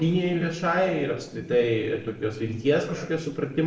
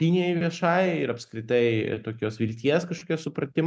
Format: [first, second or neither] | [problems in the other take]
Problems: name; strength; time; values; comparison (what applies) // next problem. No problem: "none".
second | noise reduction (neural separator model SepFormer DNS4)